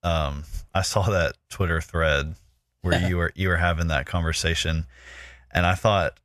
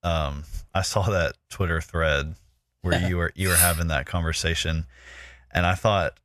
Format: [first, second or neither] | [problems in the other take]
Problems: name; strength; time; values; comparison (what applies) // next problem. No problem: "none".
first | clattering dishes; loud; at 3.5 s; peak 5 dB above the speech